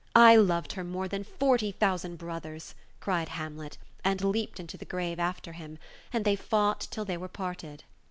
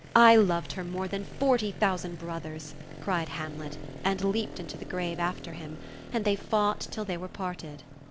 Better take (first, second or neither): first